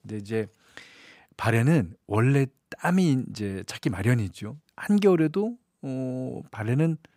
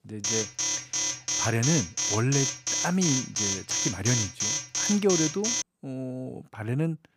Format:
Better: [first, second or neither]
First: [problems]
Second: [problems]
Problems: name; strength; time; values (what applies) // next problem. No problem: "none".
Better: first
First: none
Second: alarm; loud; until 5.5 s; peak 3 dB above the speech